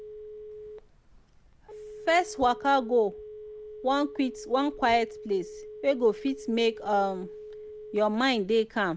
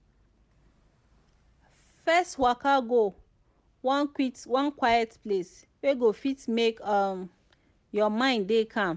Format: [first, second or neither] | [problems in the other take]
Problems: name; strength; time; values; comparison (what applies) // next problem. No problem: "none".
second | background sound (Telephone); 15 dB below the speech